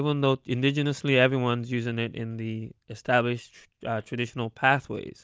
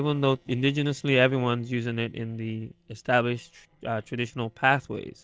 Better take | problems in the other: first | noise reduction (neural separator model SepFormer DNS4)

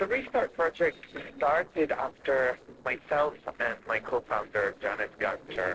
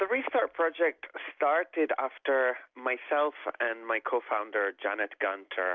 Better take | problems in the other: second | noise reduction (neural separator model SepFormer DNS4)

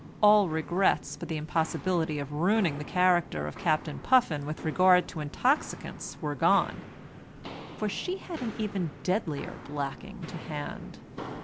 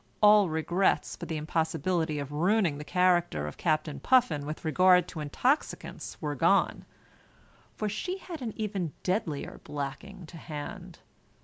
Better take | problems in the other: second | background sound (Walk, footsteps); 15 dB below the speech

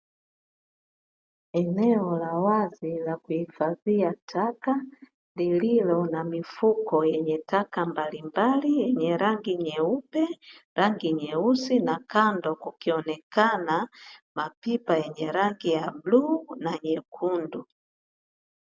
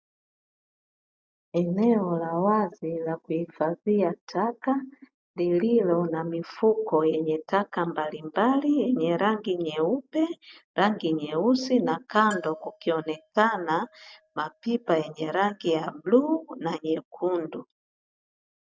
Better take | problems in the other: first | noise reduction (neural mask model DeepFilterNet 3)

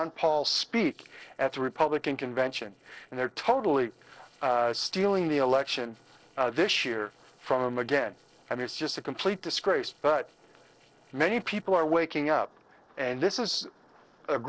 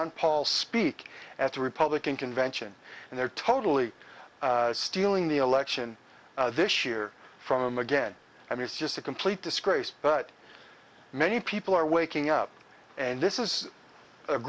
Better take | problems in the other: second | noise reduction (neural separator model SepFormer DNS4)

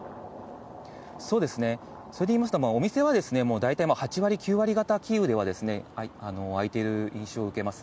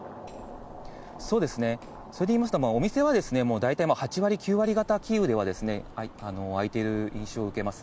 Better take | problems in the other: first | background sound (Hammer); 18 dB below the speech

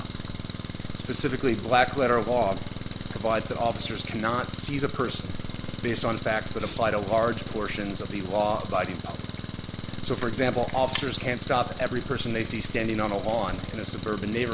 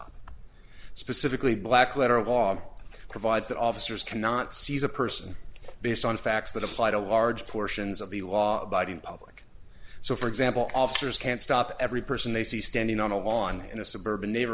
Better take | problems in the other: second | background sound (Engine); 8 dB below the speech

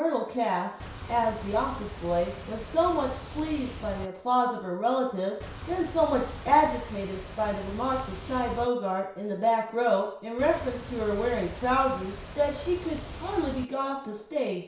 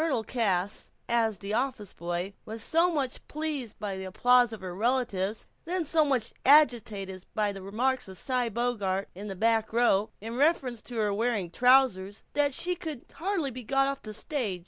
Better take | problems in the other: second | background sound (Boat, Water vehicle); 11 dB below the speech // room echo; dies away in 0.6 s

